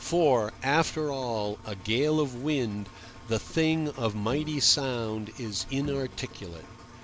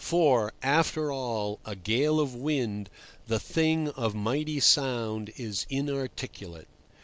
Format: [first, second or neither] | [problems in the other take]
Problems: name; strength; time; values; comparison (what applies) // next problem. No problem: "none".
second | background sound (Engine + Bowed string instrument); 17 dB below the speech